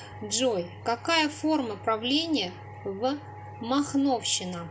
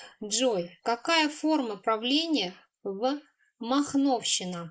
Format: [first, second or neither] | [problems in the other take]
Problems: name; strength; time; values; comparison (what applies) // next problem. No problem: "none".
first | noise reduction (neural mask model Resemble Enhance denoiser)